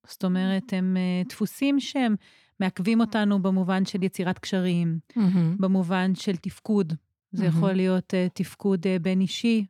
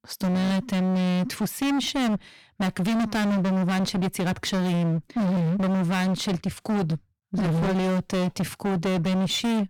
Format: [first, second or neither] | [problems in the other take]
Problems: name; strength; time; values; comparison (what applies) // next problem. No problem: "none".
first | distortion; heavy; 43% of the sound clipped